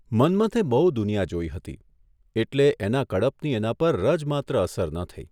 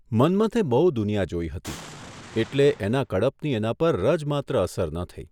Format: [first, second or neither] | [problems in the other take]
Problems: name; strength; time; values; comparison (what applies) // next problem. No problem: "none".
first | background sound (Boom); 18 dB below the speech